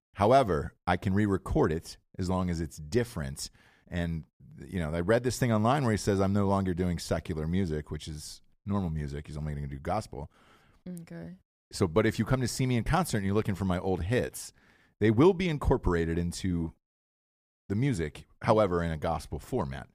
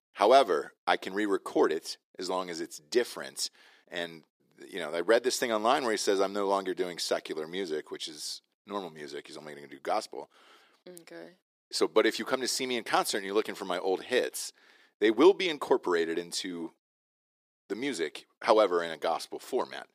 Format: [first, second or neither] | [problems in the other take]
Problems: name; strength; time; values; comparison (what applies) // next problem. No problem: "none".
first | thin; somewhat; fading below 350 Hz